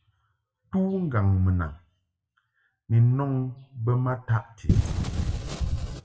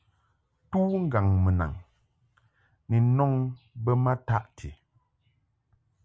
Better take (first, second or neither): second